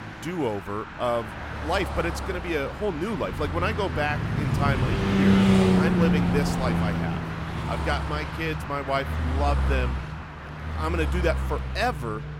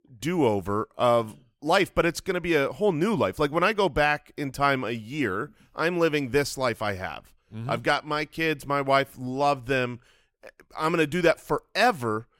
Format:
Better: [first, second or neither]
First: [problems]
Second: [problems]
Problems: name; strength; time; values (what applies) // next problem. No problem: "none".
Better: second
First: traffic noise; very loud; throughout; 3 dB above the speech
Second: none